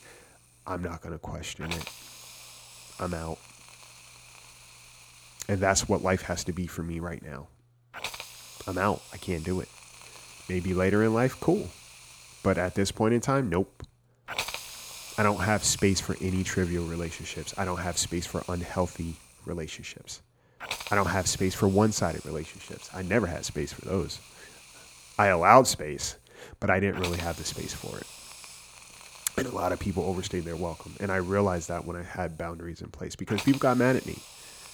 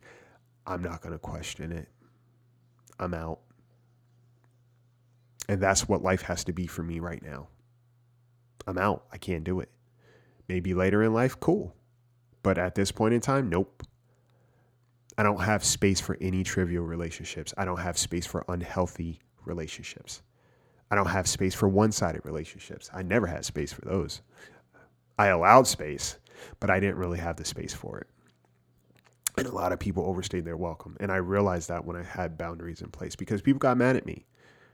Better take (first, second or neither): second